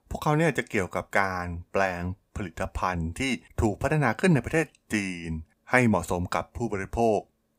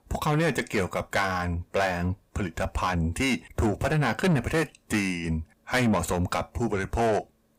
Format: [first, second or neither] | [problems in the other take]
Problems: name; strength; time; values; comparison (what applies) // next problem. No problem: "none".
first | distortion; heavy; 7 dB below the speech